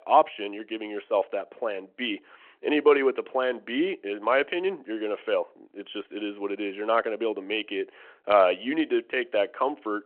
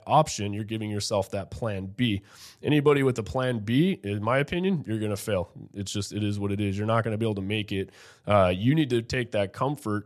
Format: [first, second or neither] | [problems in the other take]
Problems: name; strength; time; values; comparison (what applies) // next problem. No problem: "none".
second | phone-call audio